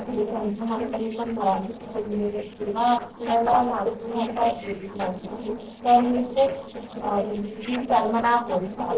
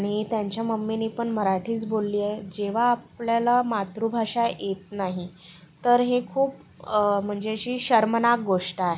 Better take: second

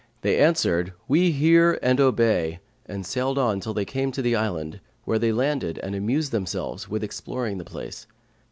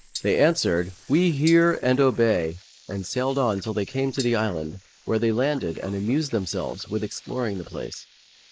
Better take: first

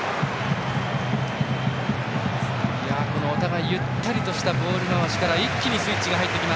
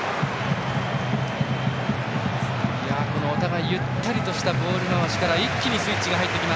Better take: first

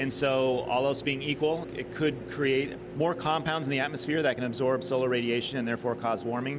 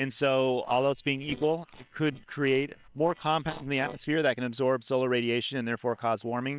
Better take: first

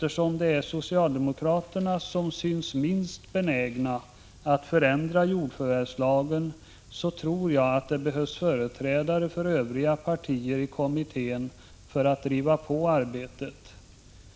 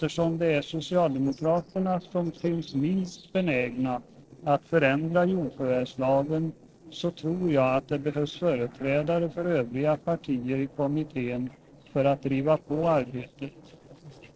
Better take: first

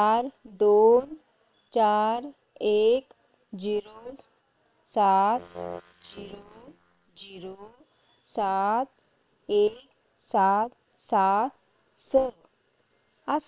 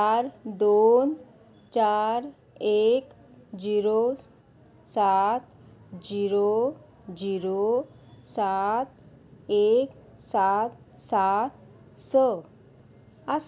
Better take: second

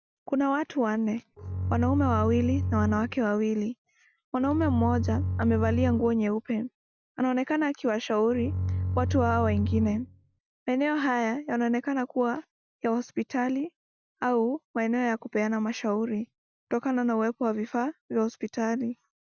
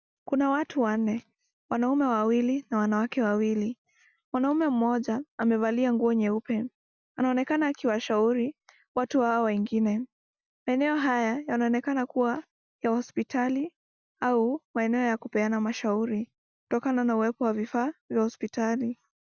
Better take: second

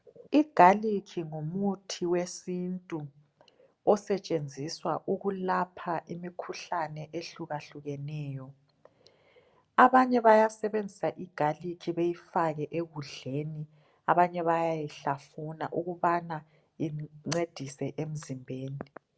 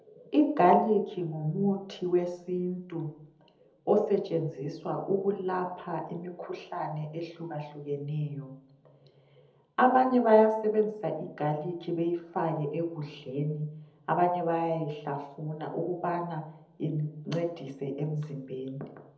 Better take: first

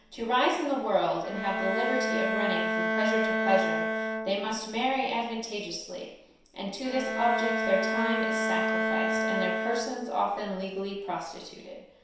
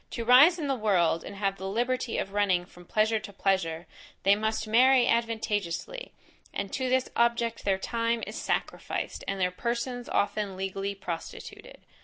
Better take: second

